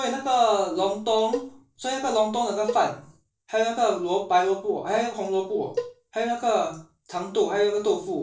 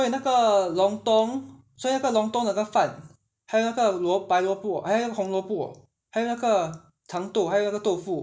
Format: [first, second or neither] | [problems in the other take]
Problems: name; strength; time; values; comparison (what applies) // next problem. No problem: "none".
second | noise reduction (neural separator model SepFormer DNS4)